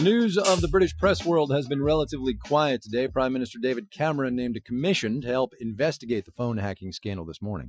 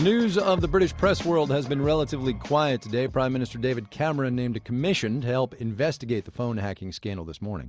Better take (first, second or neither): second